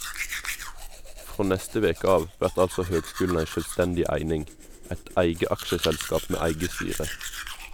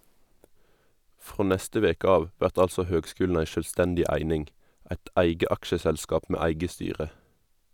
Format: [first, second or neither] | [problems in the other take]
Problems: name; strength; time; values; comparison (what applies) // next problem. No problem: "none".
second | background sound (Domestic sounds, home sounds); 9 dB below the speech